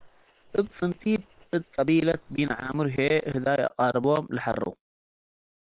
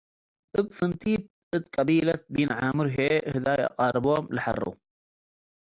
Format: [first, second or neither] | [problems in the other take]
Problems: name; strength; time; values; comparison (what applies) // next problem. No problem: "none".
second | noise reduction (neural separator model SepFormer WHAM!)